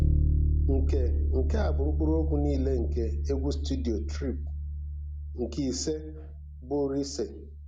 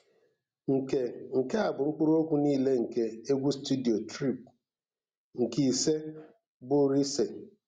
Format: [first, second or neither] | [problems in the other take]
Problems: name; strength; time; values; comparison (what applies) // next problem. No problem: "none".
second | background sound (Bass guitar); 5 dB above the speech